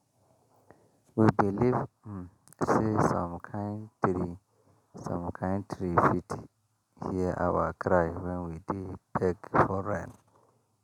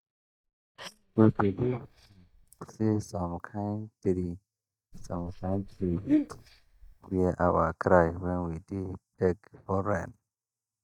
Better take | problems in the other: first | noise reduction (neural mask model DeepFilterNet 3)

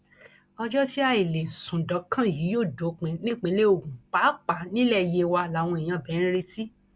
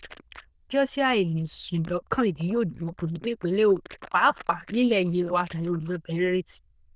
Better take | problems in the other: first | noise reduction (neural diffusion model UNIVERSE++)

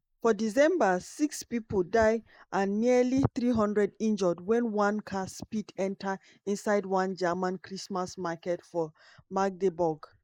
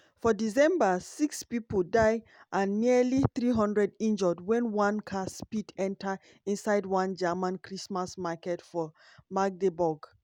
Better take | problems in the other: second | noise reduction (neural mask model Resemble Enhance denoiser)

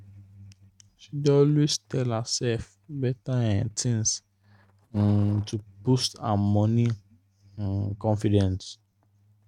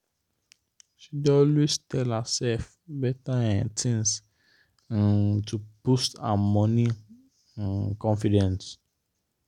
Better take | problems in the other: second | noise reduction (neural mask model RNNoise)

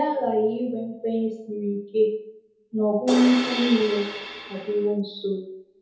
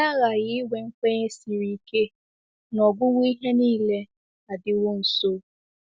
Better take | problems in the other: second | background sound (Crash cymbal); 6 dB below the speech // room echo; dies away in 0.8 s

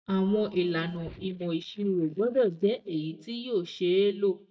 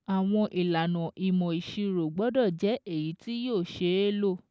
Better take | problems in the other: second | noise reduction (neural mask model DeepFilterNet 3)

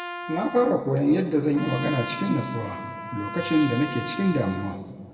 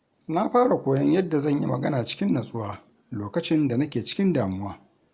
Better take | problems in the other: second | background sound (Trumpet); 10 dB below the speech // room echo; dies away in 1.7 s

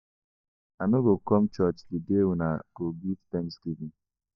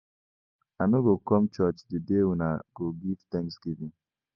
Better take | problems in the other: second | noise reduction (neural mask model DeepFilterNet 3)

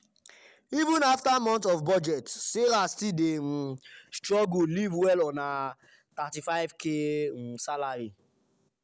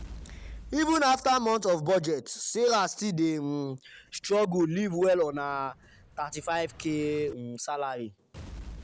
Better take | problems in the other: first | background sound (Explosion); 20 dB below the speech

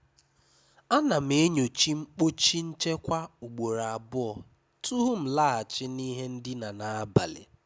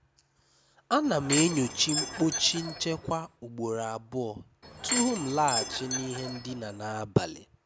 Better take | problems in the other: first | background sound (Door / Chime); 4 dB below the speech

